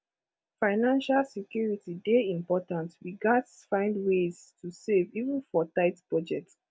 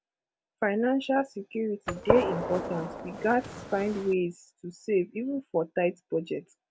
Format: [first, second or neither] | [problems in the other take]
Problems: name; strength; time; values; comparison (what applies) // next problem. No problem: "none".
first | background sound (Gunshot, gunfire); 3 dB below the speech